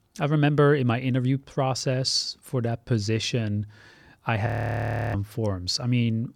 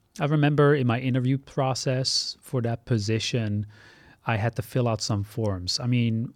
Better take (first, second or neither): second